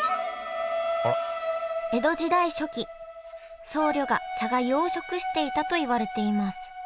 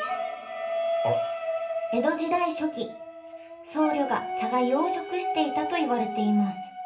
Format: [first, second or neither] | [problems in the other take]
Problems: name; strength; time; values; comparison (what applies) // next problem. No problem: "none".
first | background sound (Dog); 18 dB below the speech // room echo; dies away in 0.3 s